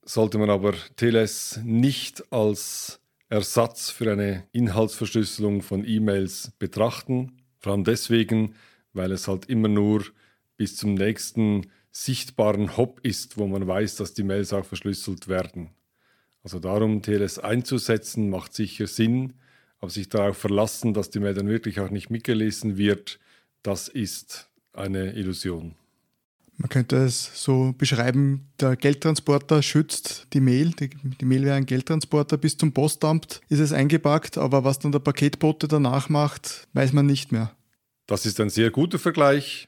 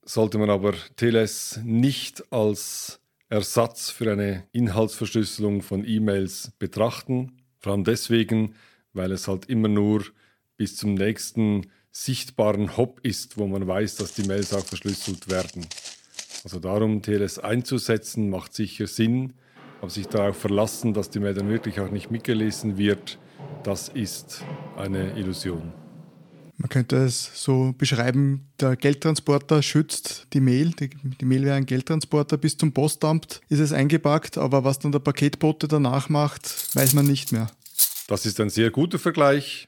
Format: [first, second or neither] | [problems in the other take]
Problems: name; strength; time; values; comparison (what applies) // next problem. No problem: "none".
first | footsteps; faint; from 14 to 17 s and from 20 to 27 s; peak 10 dB below the speech // clattering dishes; loud; from 36 to 38 s; peak 4 dB above the speech